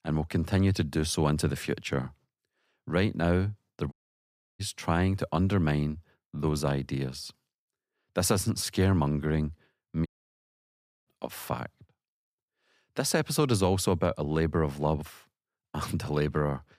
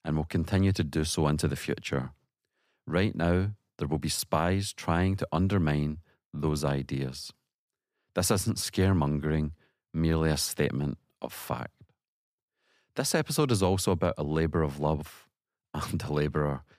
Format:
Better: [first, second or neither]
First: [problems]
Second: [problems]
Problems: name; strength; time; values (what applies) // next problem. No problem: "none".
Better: second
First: audio cutting out; at 4 s for 0.5 s and at 10 s for 1 s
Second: none